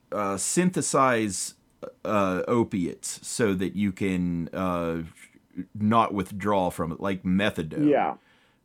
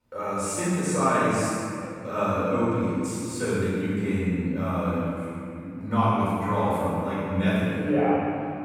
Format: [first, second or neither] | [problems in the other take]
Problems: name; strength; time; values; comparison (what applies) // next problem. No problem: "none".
first | off-mic speech; far // room echo; strong; dies away in 2.6 s